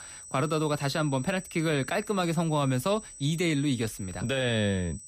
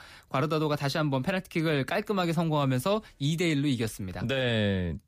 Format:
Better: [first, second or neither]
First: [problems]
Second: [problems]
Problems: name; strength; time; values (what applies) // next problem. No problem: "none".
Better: second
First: high-pitched whine; noticeable; throughout; 8 kHz, 15 dB below the speech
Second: none